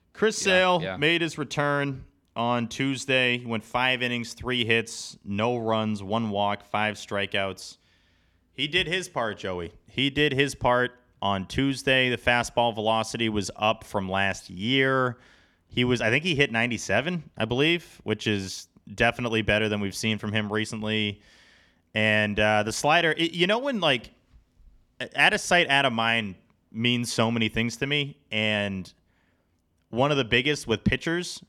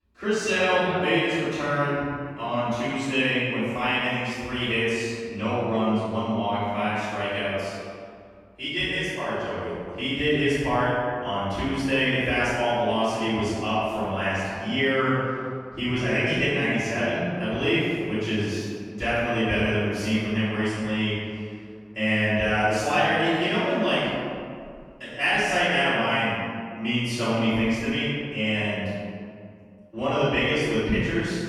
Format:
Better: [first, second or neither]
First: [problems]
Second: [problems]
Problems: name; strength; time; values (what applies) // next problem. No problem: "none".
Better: first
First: none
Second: off-mic speech; far // room echo; strong; dies away in 2 s